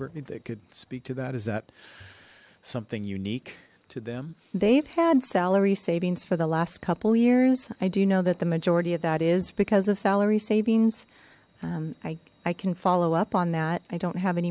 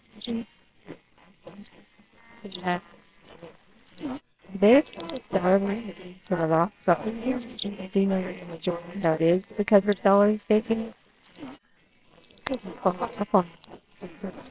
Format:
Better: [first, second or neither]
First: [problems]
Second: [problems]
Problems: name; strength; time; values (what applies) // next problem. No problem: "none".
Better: first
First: none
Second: noise reduction (neural separator model SepFormer WHAMR!)